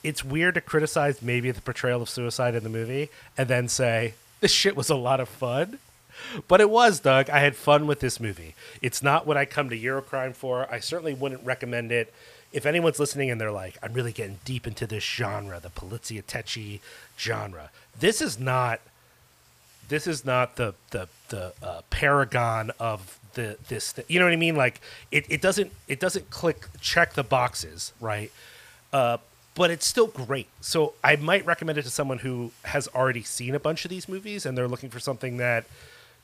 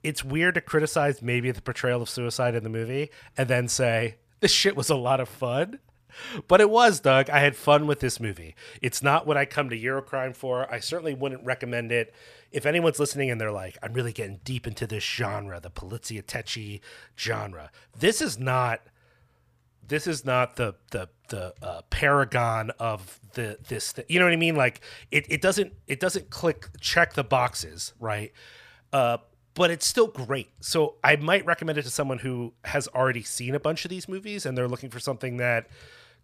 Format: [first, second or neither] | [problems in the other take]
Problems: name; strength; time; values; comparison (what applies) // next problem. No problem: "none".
second | hiss; faint; throughout; 30 dB below the speech